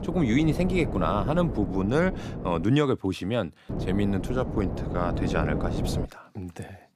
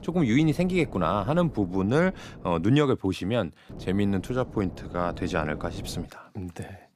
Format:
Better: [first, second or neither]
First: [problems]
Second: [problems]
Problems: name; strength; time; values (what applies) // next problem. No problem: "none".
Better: second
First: wind noise on the microphone; heavy; until 2.5 s and from 3.5 to 6 s; 8 dB below the speech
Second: wind noise on the microphone; occasional gusts; until 2.5 s and from 3.5 to 6 s; 20 dB below the speech